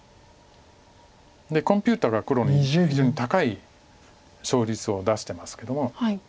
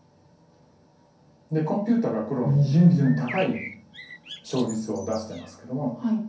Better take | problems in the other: first | background sound (Bird); 16 dB below the speech // room echo; dies away in 0.6 s

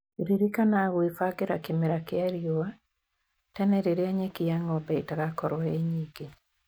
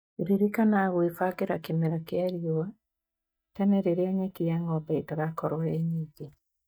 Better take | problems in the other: first | noise reduction (neural mask model DeepFilterNet 3)

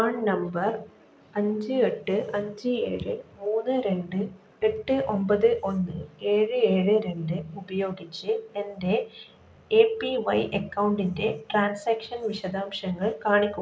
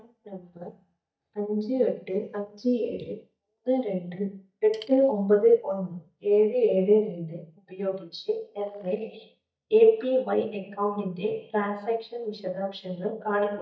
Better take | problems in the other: first | noise reduction (neural mask model DeepFilterNet 3)

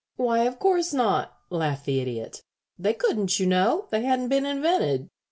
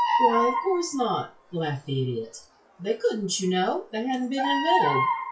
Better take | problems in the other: first | noise reduction (classical method WPE with log-MMSE)

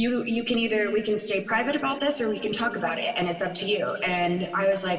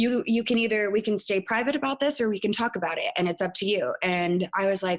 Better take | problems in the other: second | room echo; dies away in 2.6 s

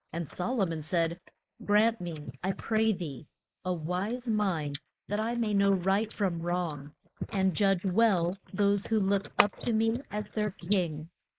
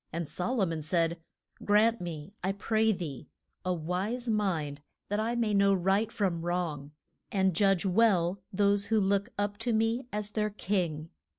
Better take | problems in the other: second | noise reduction (neural mask model Resemble Enhance denoiser)

